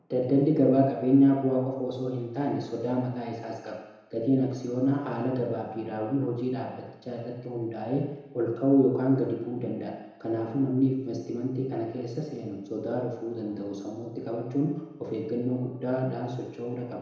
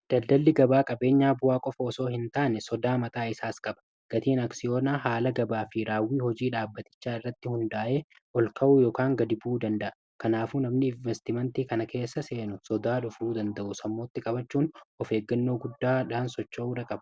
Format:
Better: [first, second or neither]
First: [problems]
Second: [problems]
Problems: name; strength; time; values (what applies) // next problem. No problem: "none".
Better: second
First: room echo; dies away in 1 s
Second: none